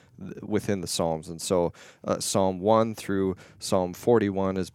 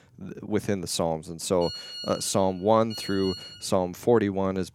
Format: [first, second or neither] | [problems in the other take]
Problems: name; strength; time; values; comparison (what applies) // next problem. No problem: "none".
first | phone ringing; noticeable; from 1.5 to 3.5 s; peak 8 dB below the speech